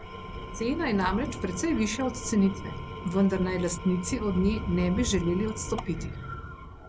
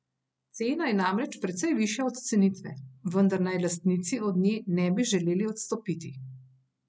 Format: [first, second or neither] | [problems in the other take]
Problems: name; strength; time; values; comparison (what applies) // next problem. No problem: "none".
second | background sound (Engine / Tools + Thunder); 8 dB below the speech